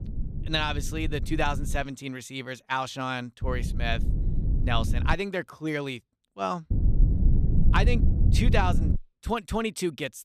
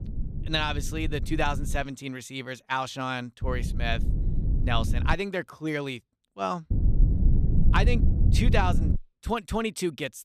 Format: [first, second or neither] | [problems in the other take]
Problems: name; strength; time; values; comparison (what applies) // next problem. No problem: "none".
neither | low rumble; noticeable; until 2 s, from 3.5 to 5 s and from 6.5 to 9 s; 10 dB below the speech; the same in both